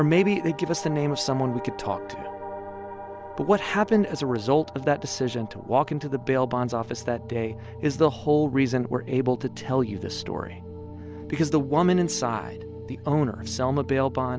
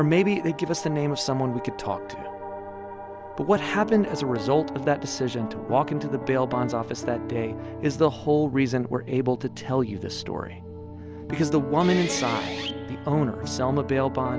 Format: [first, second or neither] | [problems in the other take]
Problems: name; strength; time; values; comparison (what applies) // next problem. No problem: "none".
first | background sound (Guitar + Piano); 11 dB below the speech